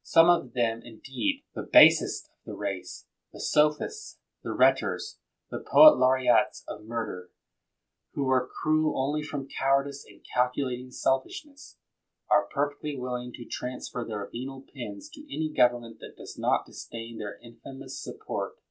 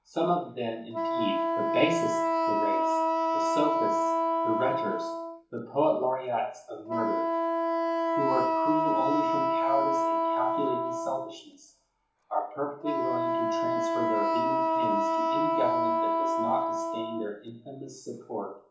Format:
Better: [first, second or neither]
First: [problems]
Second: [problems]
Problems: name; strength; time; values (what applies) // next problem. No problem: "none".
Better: first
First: none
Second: background sound (Wind instrument, woodwind instrument); 4 dB above the speech // room echo; dies away in 0.8 s